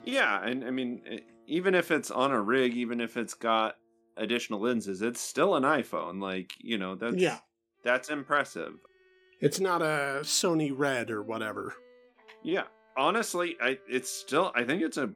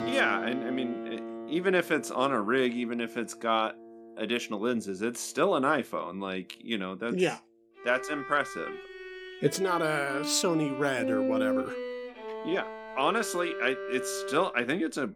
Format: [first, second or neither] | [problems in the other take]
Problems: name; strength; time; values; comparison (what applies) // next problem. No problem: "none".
first | background music; loud; throughout; 7 dB below the speech; faint in the first